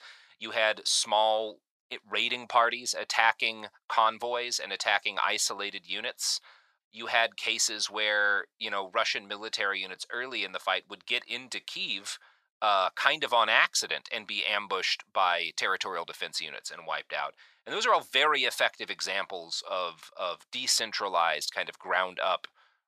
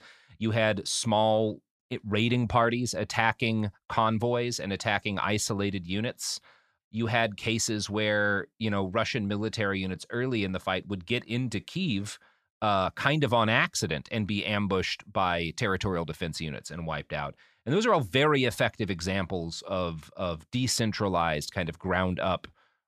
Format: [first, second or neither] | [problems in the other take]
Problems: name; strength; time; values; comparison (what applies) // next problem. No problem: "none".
second | thin; very; fading below 800 Hz